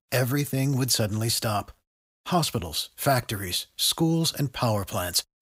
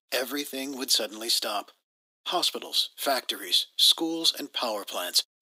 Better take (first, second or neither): first